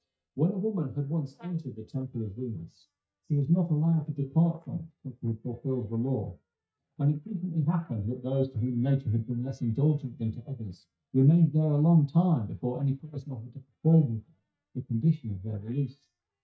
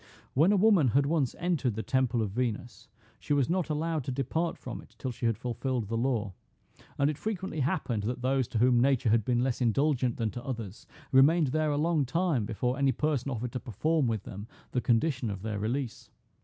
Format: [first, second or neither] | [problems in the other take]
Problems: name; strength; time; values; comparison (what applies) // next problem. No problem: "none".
second | noise reduction (neural mask model DeepFilterNet 3)